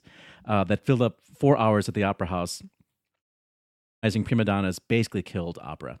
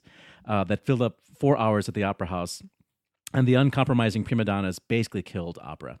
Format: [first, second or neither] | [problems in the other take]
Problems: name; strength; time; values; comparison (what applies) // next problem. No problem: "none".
second | audio cutting out; at 3 s for 1 s